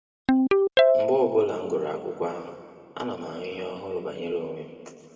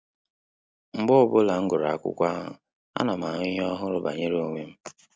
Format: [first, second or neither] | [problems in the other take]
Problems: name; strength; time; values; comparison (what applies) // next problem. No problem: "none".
second | background sound (Ringtone); 3 dB above the speech // room echo; dies away in 1.9 s